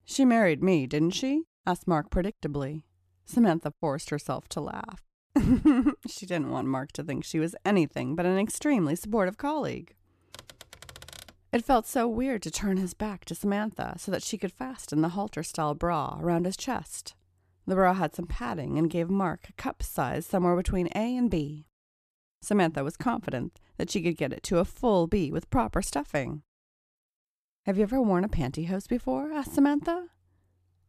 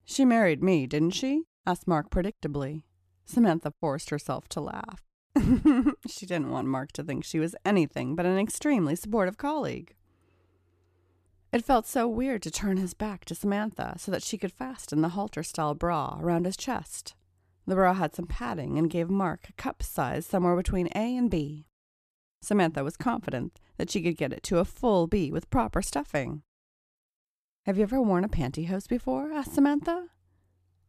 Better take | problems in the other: second | keyboard typing; faint; at 10 s; peak 15 dB below the speech

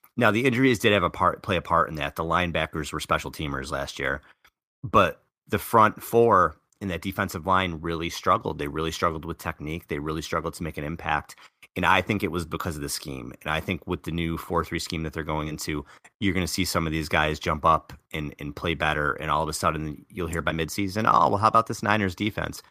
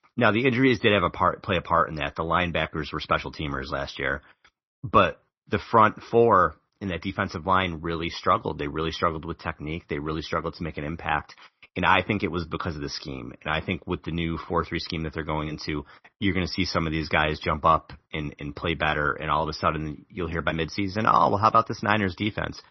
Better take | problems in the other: first | garbled, watery; slightly; nothing above 6 kHz

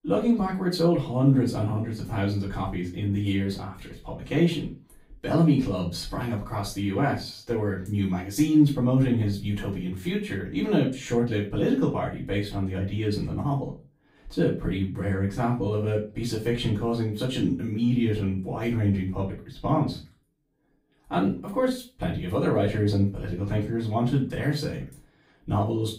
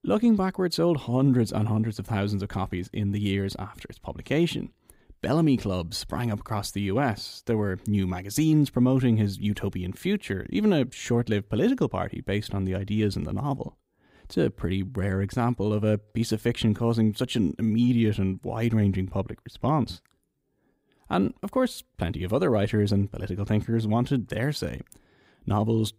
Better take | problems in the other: second | off-mic speech; far // room echo; slight; dies away in 0.3 s

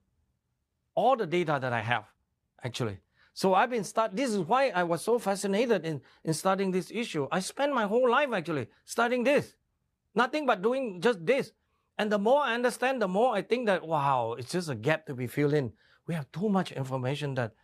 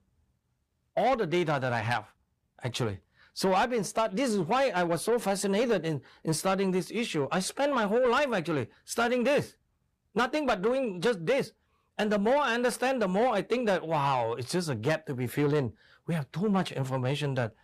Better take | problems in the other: first | distortion; slight; 10 dB below the speech

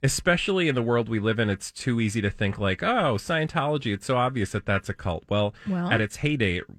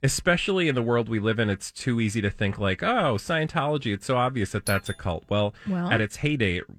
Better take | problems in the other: first | doorbell; noticeable; at 4.5 s; peak 9 dB below the speech

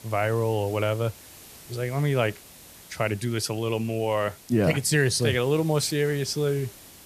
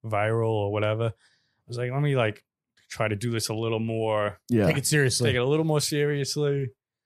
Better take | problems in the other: second | hiss; noticeable; throughout; 20 dB below the speech

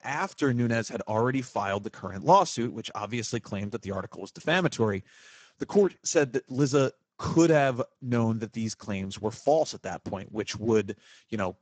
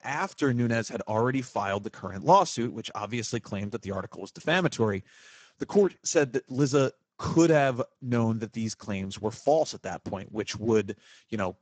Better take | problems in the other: neither | garbled, watery; badly; nothing above 7.5 kHz; the same in both

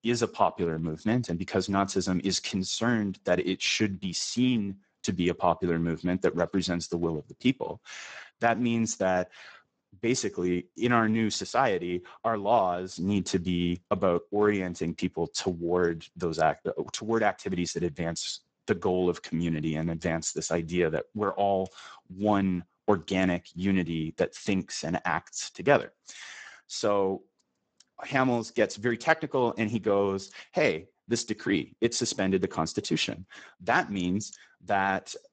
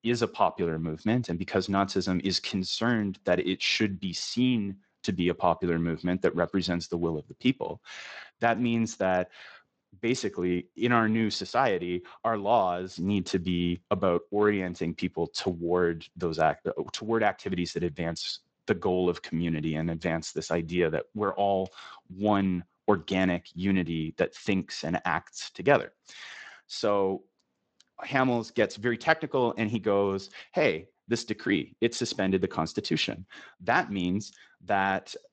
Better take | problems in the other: second | garbled, watery; badly; nothing above 8 kHz; slightly in the second

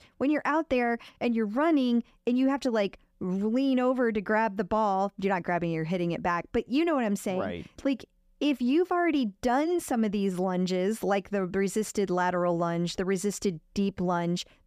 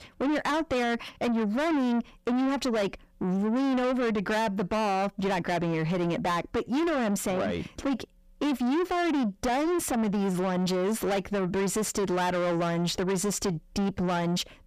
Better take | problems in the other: first | distortion; heavy; 7 dB below the speech

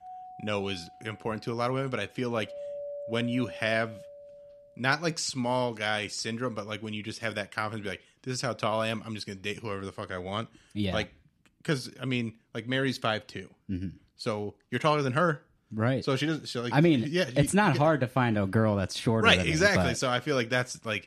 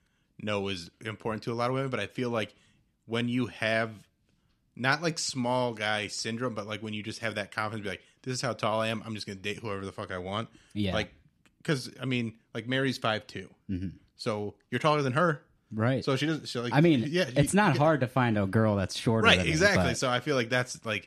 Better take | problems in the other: second | doorbell; noticeable; until 4.5 s; peak 9 dB below the speech

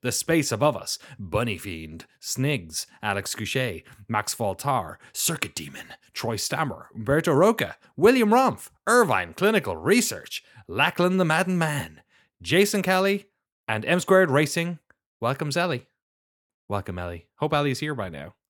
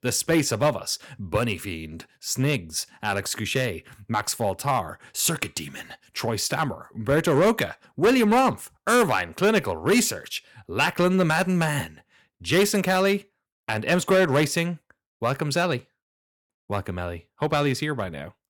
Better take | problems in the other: first | distortion; slight; 4% of the sound clipped

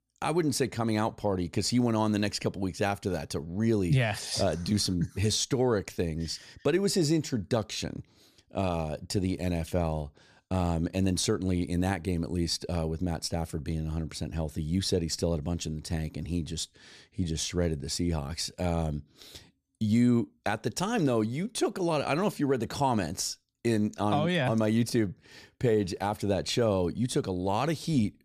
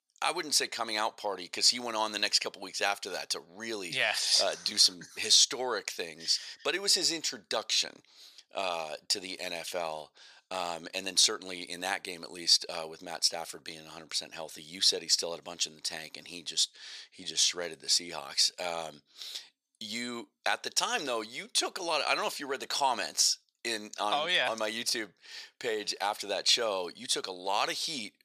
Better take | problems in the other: first | thin; very; fading below 700 Hz

